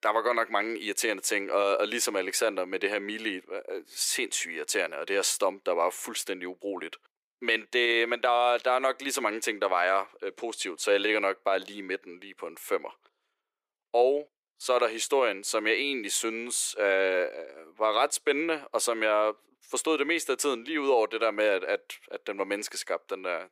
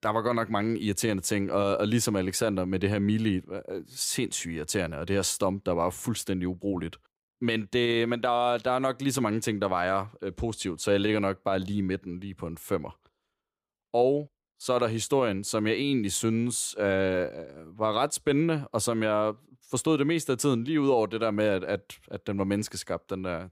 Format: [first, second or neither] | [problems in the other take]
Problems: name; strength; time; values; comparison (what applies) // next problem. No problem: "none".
second | thin; very; fading below 350 Hz